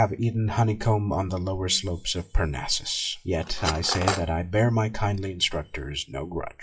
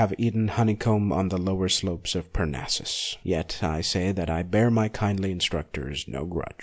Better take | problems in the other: second | noise reduction (classical method WPE with log-MMSE)

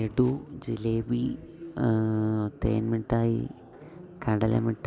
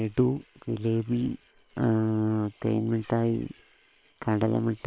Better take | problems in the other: first | noise reduction (neural separator model SepFormer WHAM!)

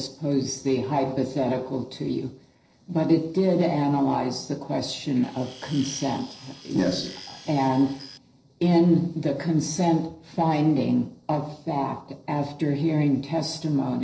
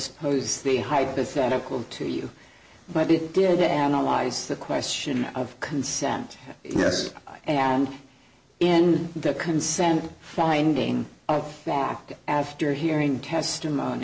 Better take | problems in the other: second | noise reduction (neural separator model SepFormer DNS4)

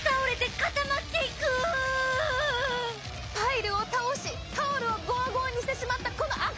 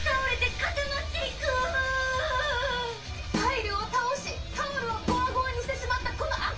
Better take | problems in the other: first | background sound (Snare drum); 8 dB below the speech // room echo; dies away in 0.3 s

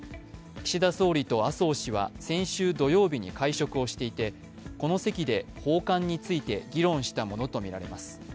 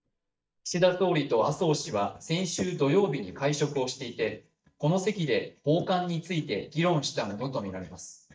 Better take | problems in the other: first | noise reduction (neural mask model DeepFilterNet 3)

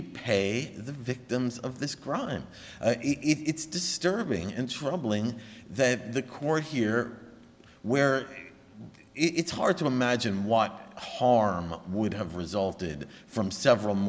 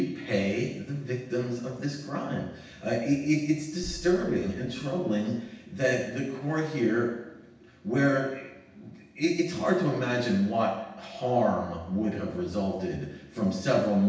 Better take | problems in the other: first | background sound (Boom); 18 dB below the speech // room echo; dies away in 0.9 s

